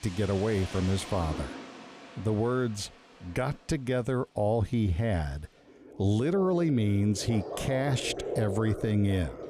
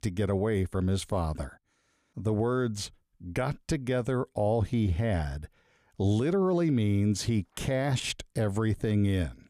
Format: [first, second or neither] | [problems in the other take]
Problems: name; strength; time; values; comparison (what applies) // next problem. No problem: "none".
second | rain or running water; noticeable; throughout; 10 dB below the speech